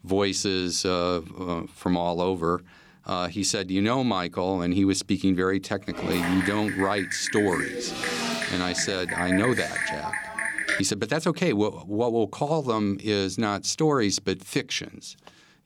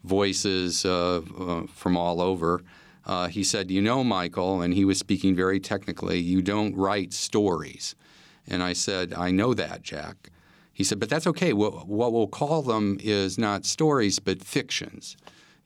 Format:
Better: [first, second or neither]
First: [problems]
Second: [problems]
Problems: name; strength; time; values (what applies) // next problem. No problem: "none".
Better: second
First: keyboard typing; loud; from 6 to 11 s; peak level with the speech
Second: none